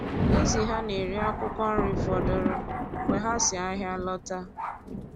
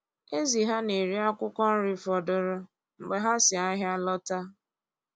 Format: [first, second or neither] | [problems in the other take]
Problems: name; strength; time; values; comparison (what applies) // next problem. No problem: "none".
second | background sound (Thunder); 2 dB above the speech